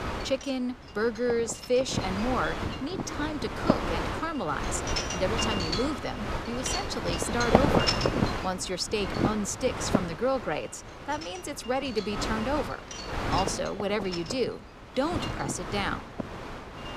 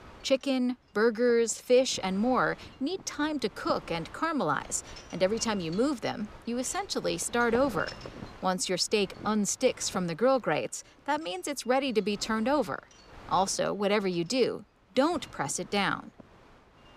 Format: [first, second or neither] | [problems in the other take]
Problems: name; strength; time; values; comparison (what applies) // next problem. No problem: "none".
second | wind noise on the microphone; heavy; 1 dB below the speech; occasional gusts in the second